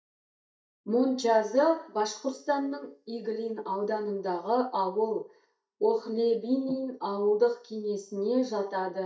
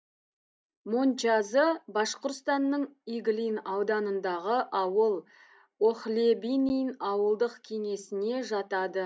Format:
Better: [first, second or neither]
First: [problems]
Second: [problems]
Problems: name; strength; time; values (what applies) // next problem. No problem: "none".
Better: second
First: noise reduction (neural mask model DeepFilterNet 3)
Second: none